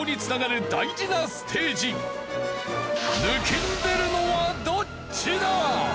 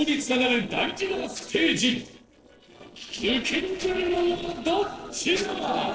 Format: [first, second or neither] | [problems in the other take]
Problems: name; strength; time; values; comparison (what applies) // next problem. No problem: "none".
first | noise reduction (neural separator model SepFormer DNS4)